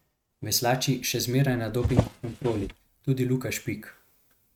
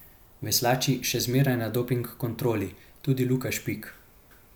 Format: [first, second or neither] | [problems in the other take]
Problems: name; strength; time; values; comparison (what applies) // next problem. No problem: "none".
second | noise reduction (neural mask model RNNoise)